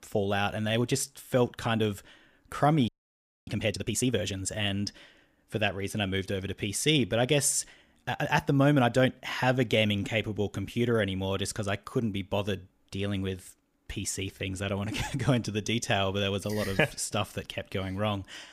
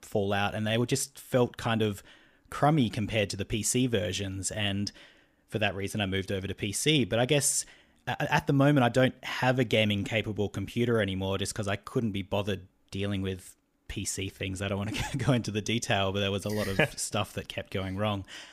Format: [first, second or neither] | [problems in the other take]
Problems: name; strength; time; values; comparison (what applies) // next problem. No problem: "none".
second | audio freezing; at 3 s for 0.5 s